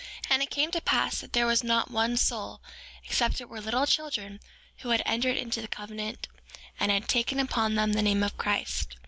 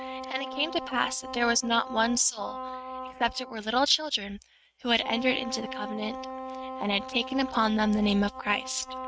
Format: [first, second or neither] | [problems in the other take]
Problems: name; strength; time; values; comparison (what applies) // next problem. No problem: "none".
first | noise reduction (neural mask model RNNoise)